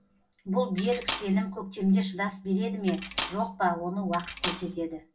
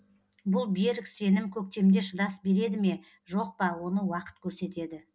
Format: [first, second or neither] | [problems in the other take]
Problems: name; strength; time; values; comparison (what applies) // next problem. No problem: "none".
second | background sound (Cutlery, silverware); 9 dB below the speech // room echo; dies away in 0.2 s